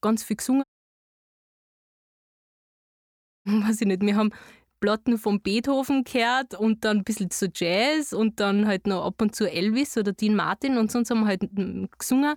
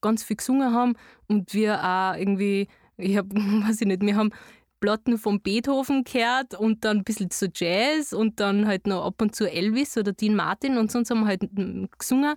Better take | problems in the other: second | audio cutting out; at 0.5 s for 3 s

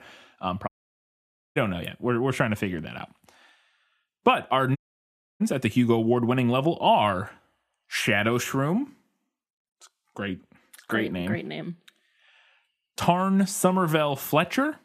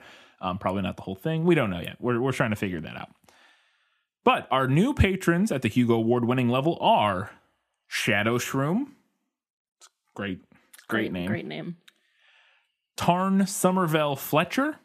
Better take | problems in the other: second | audio cutting out; at 0.5 s for 1 s and at 5 s for 0.5 s

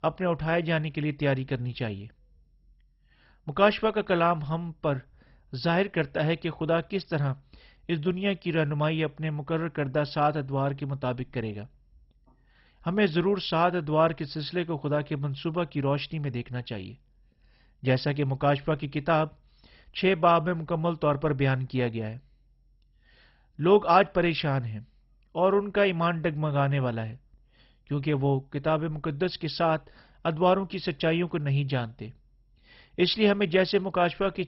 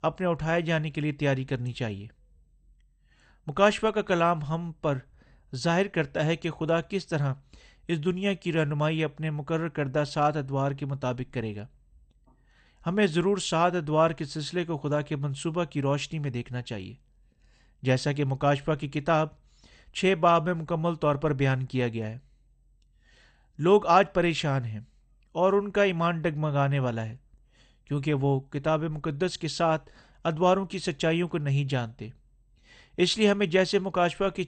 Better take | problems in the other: second | garbled, watery; badly; nothing above 5.5 kHz; slightly in the second

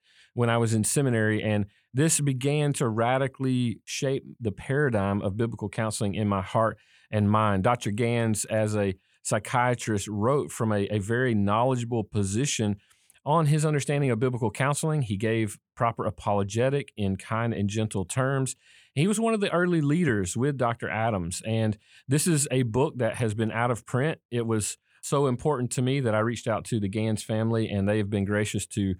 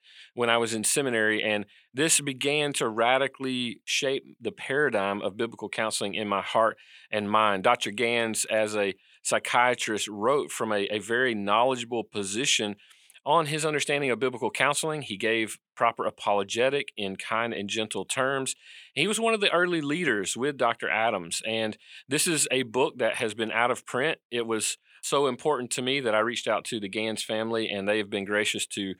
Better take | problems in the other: first | thin; somewhat; fading below 350 Hz

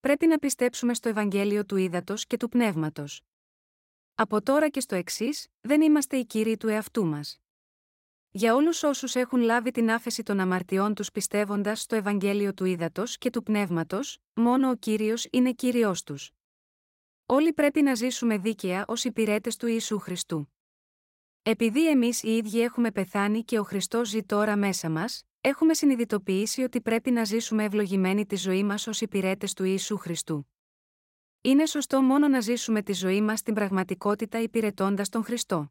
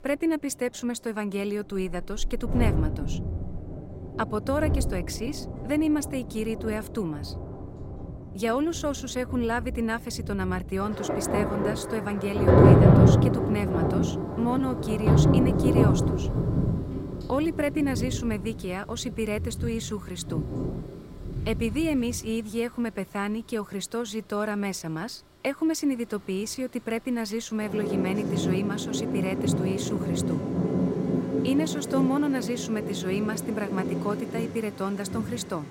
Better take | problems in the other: first | rain or running water; very loud; throughout; 3 dB above the speech

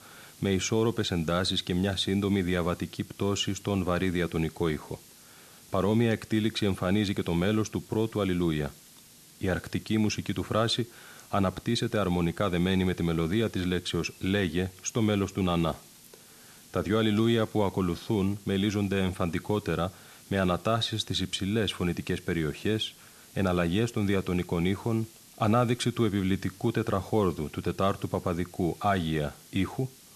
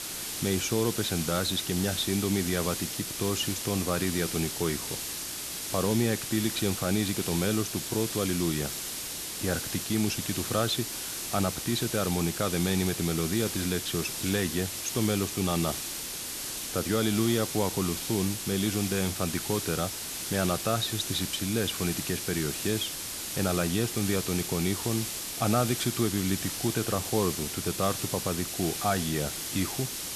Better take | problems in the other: first | hiss; loud; throughout; 3 dB below the speech; faint in the first

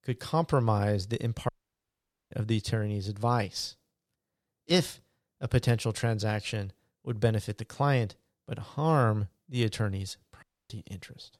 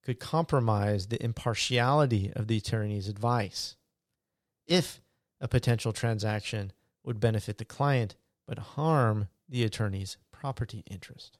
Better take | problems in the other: second | audio cutting out; at 1.5 s for 1 s and at 10 s

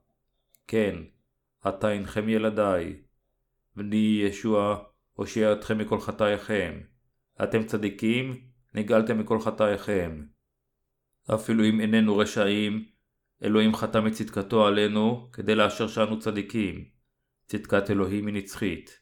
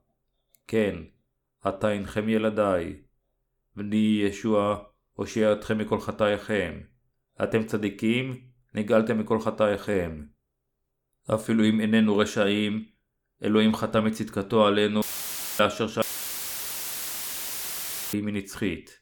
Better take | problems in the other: first | audio cutting out; filled with static; at 15 s for 0.5 s and at 16 s for 2 s

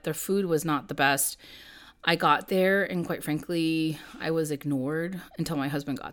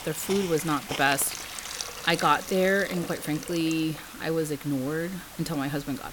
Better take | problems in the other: first | hiss; loud; throughout; 10 dB below the speech

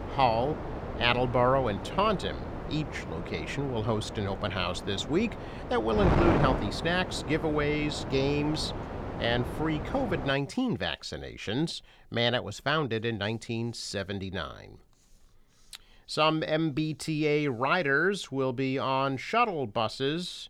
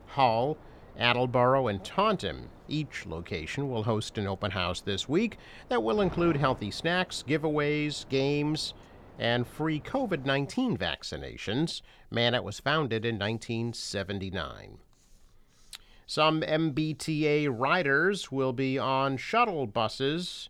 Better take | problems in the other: second | wind noise on the microphone; heavy; until 10 s; 8 dB below the speech; occasional gusts in the second

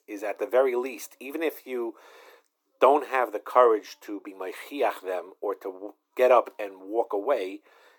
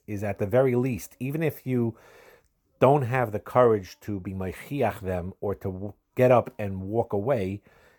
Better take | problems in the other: second | thin; very; fading below 300 Hz

